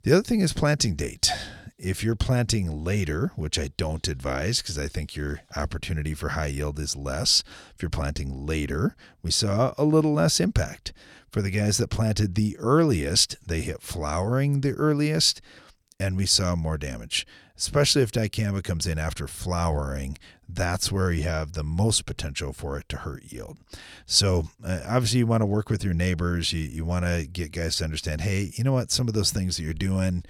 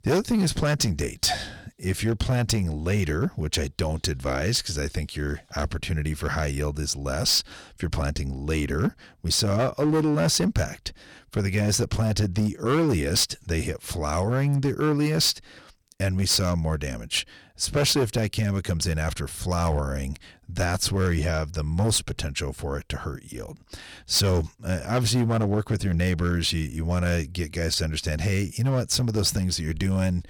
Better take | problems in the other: first | distortion; slight; 6% of the sound clipped

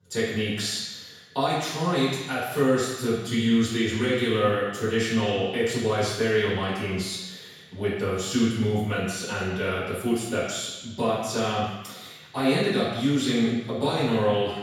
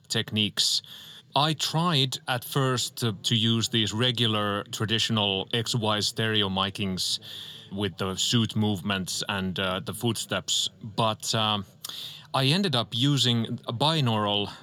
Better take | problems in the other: second | room echo; strong; dies away in 1.1 s; slight in the second // off-mic speech; far

